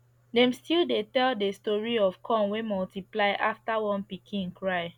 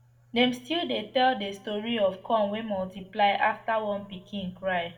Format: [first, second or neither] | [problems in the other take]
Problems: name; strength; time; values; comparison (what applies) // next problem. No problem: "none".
first | room echo; dies away in 0.4 s